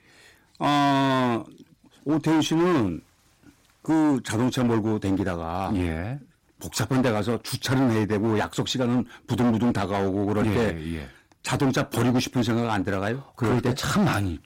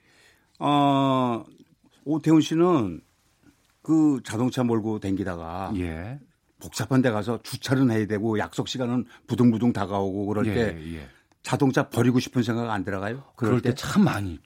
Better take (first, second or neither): second